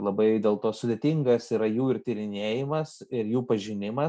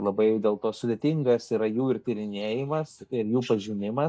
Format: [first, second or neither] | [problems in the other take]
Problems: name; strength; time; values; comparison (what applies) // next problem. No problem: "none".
first | noise reduction (neural mask model DeepFilterNet 3)